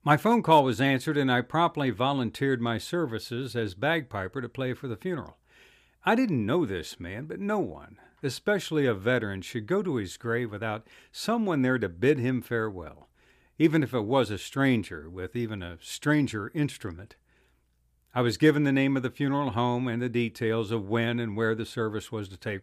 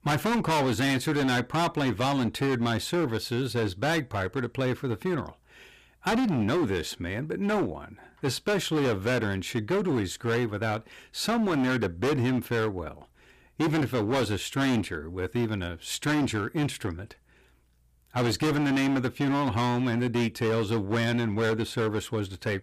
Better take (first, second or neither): first